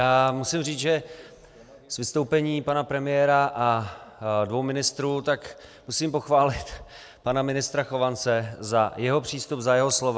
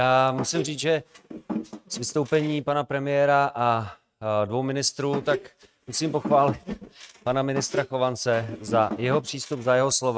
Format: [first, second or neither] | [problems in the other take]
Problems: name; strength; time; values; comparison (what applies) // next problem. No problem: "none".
first | noise reduction (neural mask model RNNoise)